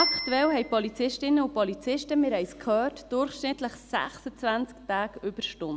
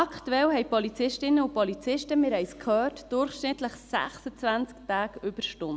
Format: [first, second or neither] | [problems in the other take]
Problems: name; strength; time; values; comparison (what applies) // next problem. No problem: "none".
second | background sound (Bicycle bell); 11 dB below the speech